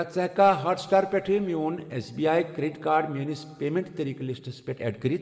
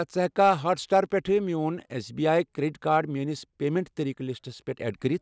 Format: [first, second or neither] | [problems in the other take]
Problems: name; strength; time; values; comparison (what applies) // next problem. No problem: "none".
second | room echo; dies away in 1.5 s